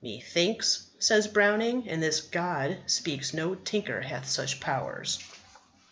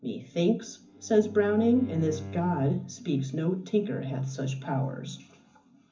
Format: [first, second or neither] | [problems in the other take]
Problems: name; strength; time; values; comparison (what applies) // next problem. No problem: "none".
first | background sound (Bowed string instrument); 14 dB below the speech // room echo; dies away in 0.3 s